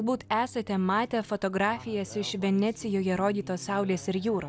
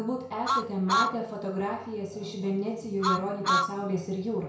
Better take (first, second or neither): first